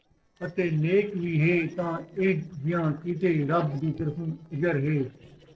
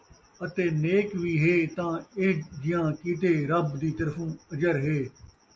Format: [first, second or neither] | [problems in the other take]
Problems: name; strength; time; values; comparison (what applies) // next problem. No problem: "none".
second | noise reduction (neural separator model SepFormer DNS4)